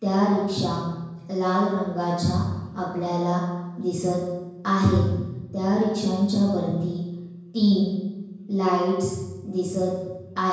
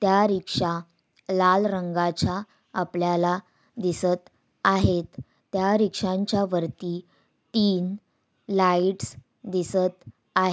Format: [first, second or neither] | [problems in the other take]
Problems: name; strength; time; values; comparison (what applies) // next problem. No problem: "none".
second | room echo; dies away in 1 s